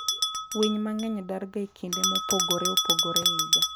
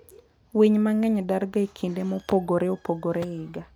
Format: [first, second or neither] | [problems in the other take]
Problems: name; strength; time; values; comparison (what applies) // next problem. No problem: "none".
second | background sound (Bell); 4 dB above the speech